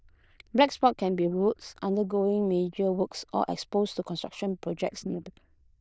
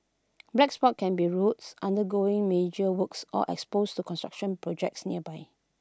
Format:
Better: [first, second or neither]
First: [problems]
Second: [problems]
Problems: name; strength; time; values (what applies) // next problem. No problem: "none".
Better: second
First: noise reduction (neural diffusion model UNIVERSE++)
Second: none